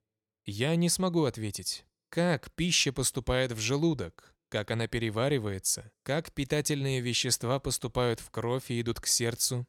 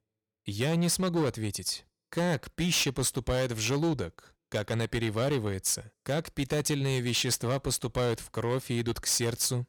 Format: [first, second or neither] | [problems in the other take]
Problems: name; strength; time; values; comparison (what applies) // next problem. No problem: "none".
first | distortion; slight; 10% of the sound clipped